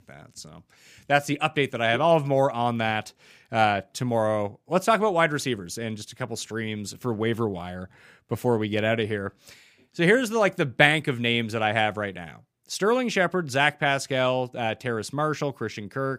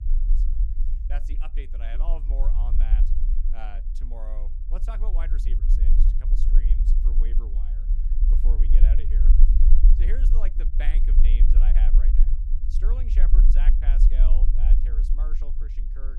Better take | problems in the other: first | low rumble; loud; throughout; 3 dB below the speech

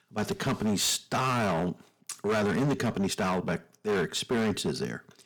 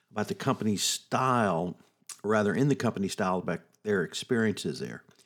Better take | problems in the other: second | distortion; heavy; 16% of the sound clipped

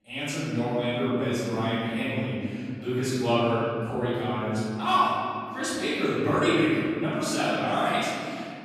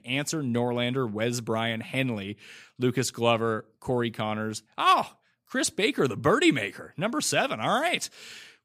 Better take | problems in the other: second | off-mic speech; far // room echo; strong; dies away in 2.7 s

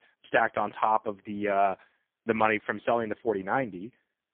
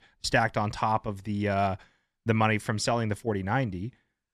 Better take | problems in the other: second | phone-call audio; poor line; nothing above 3 kHz

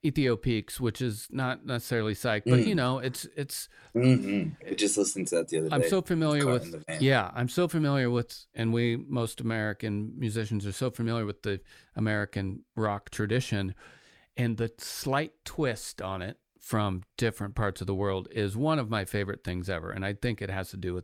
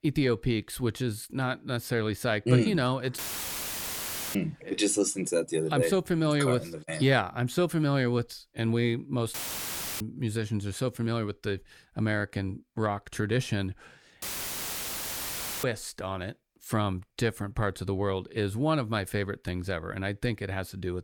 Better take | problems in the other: first | audio cutting out; filled with static; at 3 s for 1 s, at 9.5 s for 0.5 s and at 14 s for 1.5 s

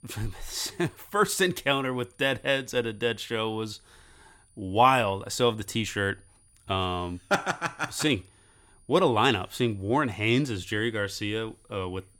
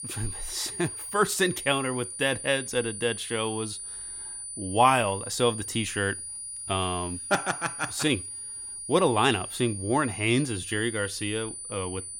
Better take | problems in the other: first | high-pitched whine; loud; throughout; 9.5 kHz, 8 dB below the speech; faint in the first

